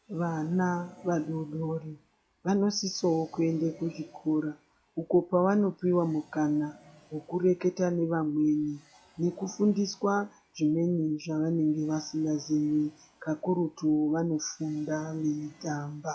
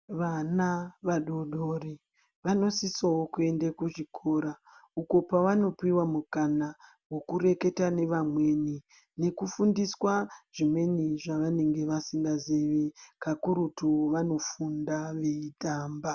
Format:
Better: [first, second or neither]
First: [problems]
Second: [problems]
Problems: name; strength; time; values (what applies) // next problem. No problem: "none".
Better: second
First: noise reduction (classical method log-MMSE)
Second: none